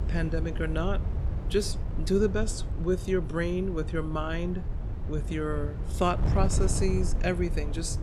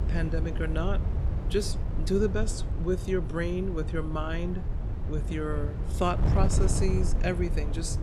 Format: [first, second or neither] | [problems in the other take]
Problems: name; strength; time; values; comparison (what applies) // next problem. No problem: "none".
first | wind noise on the microphone; heavy; 9 dB below the speech; occasional gusts in the first